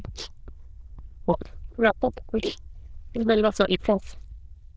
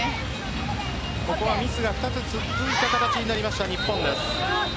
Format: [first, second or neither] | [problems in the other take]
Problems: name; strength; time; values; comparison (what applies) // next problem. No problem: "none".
second | noise reduction (neural diffusion model UNIVERSE++)